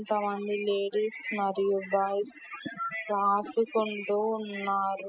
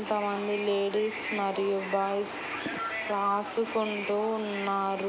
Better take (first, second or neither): second